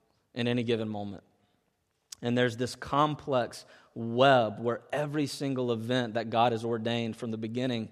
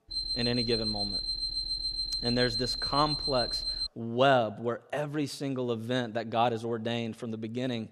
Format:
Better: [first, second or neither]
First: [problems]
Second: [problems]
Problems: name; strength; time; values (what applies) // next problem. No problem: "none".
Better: first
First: none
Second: alarm; loud; until 4 s; peak 1 dB above the speech